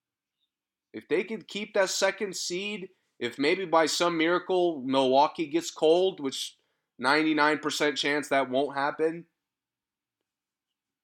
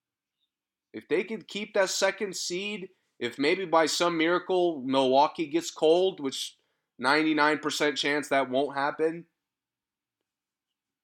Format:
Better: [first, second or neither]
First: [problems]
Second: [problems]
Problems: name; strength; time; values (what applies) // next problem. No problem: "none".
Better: neither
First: none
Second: none